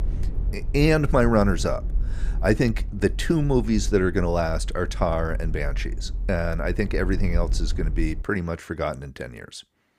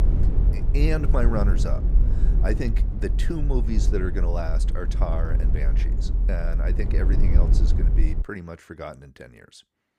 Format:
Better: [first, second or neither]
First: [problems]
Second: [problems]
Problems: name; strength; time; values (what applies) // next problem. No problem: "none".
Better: first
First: low rumble; faint; until 8 s; 20 dB below the speech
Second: low rumble; loud; until 8 s; 7 dB below the speech